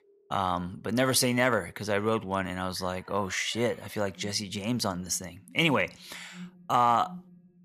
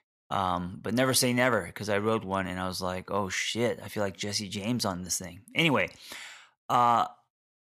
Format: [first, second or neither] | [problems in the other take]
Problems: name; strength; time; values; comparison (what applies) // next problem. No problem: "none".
second | alarms or sirens; faint; throughout; 20 dB below the speech